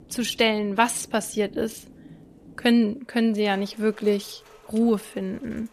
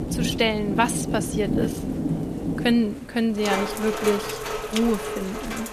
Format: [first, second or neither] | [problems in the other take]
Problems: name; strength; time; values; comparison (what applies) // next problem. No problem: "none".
first | rain or running water; loud; throughout; 3 dB below the speech; faint in the first